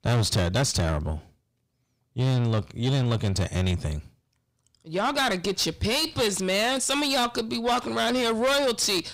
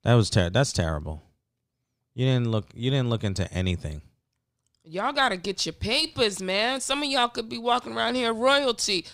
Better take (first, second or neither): second